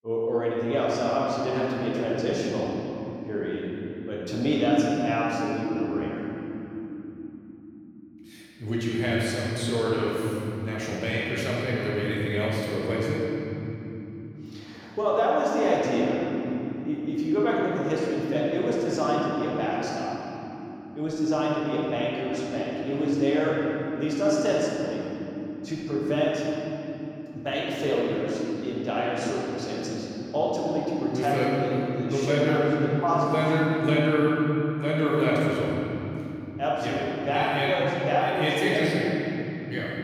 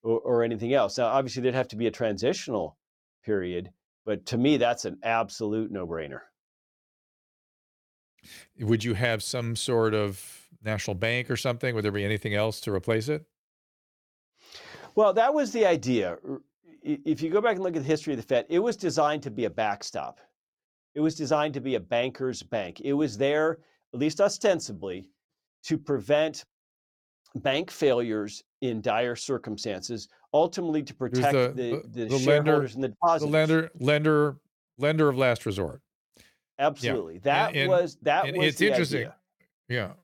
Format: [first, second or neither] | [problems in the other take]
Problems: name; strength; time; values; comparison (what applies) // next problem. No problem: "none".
second | room echo; strong; dies away in 3 s // off-mic speech; far